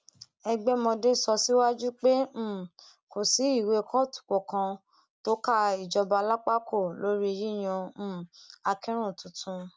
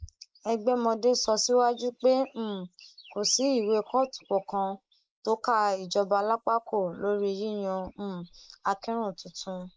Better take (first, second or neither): first